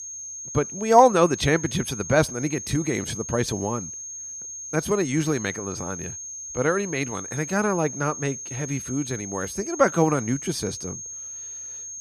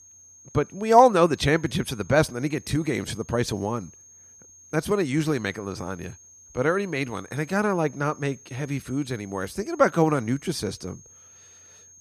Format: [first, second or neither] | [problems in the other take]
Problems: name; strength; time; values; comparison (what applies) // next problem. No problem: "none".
second | high-pitched whine; loud; throughout; 6.5 kHz, 9 dB below the speech; faint in the second